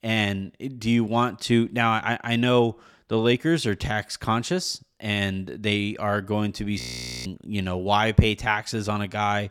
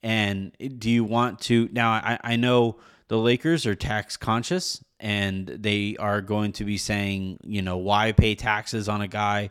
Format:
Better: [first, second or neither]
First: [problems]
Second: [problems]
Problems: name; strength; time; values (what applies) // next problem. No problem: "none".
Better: second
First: audio freezing; at 7 s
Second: none